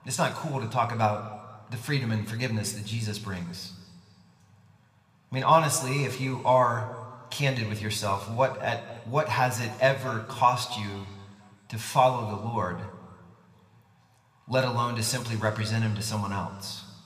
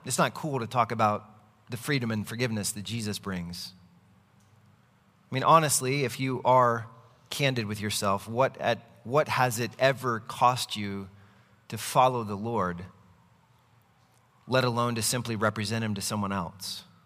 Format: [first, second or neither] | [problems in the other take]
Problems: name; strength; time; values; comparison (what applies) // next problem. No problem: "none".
second | room echo; slight; dies away in 1.4 s